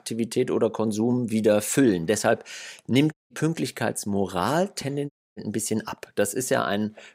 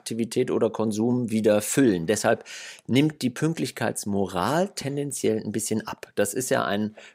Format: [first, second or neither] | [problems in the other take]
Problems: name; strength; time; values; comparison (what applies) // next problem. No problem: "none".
second | audio cutting out; at 3 s and at 5 s